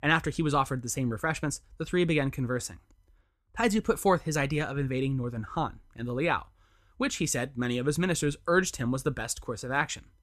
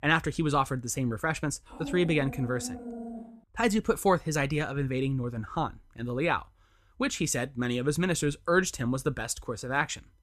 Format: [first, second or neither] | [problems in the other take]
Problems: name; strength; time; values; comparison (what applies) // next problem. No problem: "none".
first | dog barking; noticeable; from 1.5 to 3.5 s; peak 10 dB below the speech